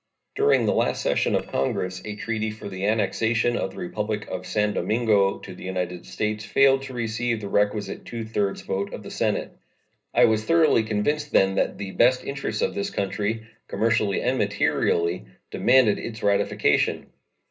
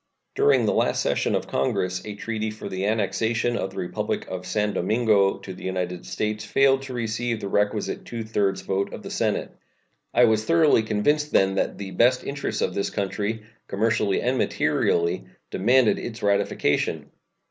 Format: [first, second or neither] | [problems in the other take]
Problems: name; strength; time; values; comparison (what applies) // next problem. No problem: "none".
second | noise reduction (neural separator model SepFormer DNS4)